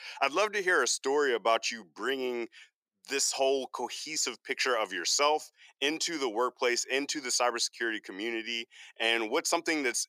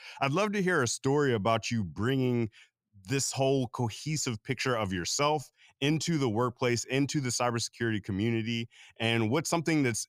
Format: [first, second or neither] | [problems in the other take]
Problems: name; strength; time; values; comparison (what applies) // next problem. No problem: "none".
second | thin; very; fading below 350 Hz